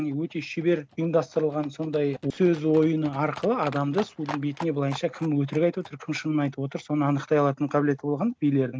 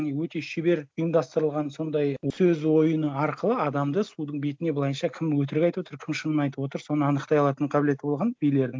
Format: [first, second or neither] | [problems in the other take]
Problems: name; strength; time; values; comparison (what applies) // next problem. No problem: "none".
second | background sound (Livestock, farm animals, working animals); 19 dB below the speech